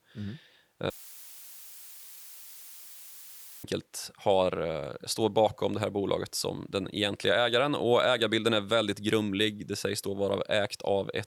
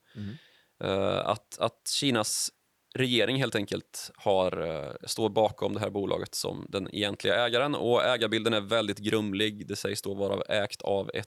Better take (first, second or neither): second